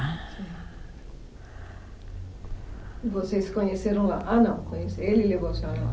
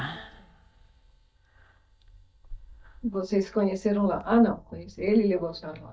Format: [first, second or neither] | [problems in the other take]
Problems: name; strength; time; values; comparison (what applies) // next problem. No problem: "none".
first | noise reduction (neural mask model DeepFilterNet 3)